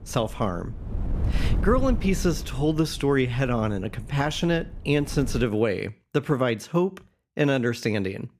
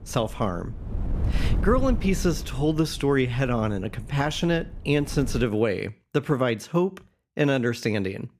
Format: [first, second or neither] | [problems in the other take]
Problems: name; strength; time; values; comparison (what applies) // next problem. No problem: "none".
neither | wind noise on the microphone; occasional gusts; until 5.5 s; 15 dB below the speech; the same in both